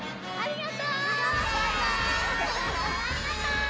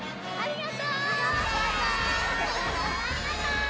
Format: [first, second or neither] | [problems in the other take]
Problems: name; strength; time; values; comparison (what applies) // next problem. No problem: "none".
first | background sound (Train); 14 dB below the speech